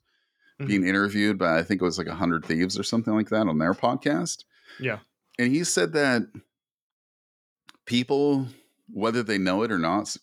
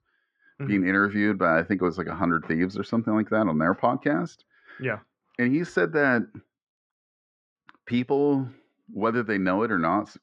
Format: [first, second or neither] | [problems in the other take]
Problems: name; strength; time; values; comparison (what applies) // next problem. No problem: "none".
first | muffled; very; fading above 2 kHz